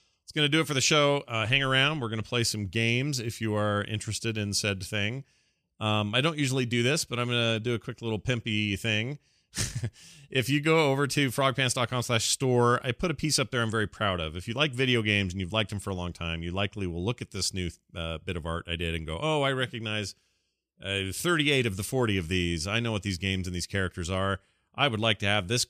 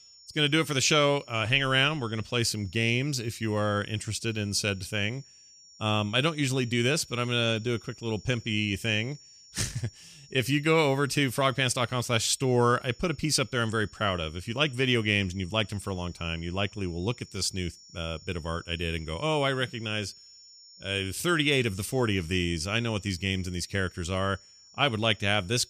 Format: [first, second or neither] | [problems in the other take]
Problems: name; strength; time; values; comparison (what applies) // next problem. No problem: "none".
first | high-pitched whine; faint; throughout; 5.5 kHz, 25 dB below the speech